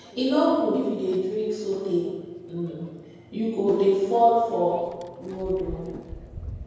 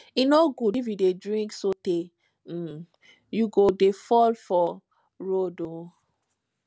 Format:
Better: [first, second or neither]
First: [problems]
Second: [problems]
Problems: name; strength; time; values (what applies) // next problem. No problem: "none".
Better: second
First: background sound (Microwave oven); 17 dB below the speech // room echo; dies away in 1.2 s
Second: none